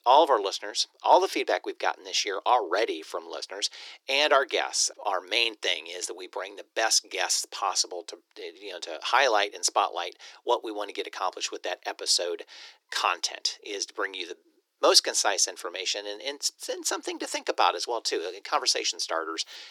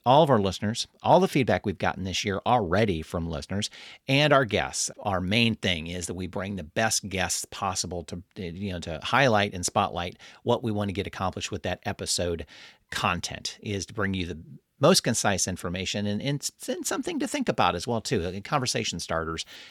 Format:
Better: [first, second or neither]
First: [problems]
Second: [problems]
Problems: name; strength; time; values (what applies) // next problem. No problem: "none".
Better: second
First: thin; very; fading below 300 Hz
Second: none